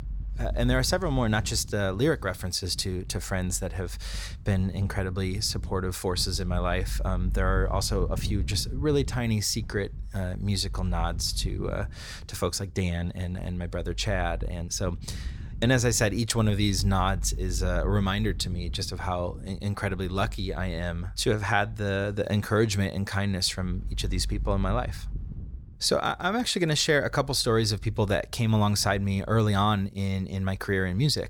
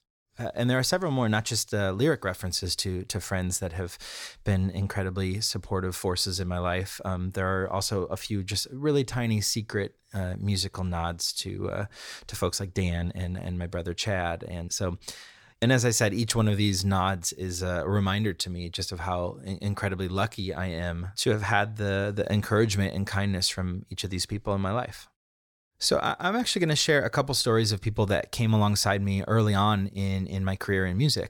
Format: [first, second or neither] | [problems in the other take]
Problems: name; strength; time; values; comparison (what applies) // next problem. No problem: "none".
second | wind noise on the microphone; occasional gusts; 25 dB below the speech